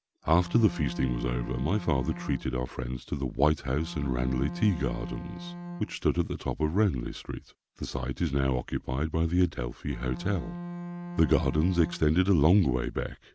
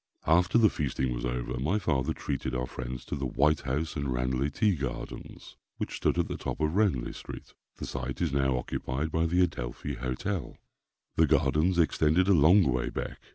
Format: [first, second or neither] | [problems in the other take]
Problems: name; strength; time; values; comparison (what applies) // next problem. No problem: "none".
second | background sound (Bowed string instrument); 11 dB below the speech